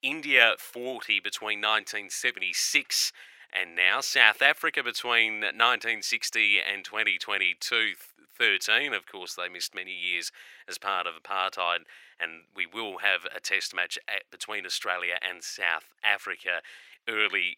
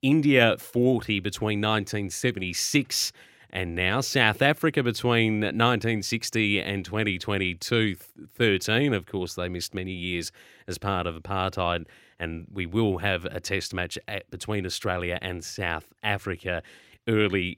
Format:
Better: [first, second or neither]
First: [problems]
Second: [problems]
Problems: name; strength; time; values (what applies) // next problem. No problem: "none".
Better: second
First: thin; very; fading below 750 Hz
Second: none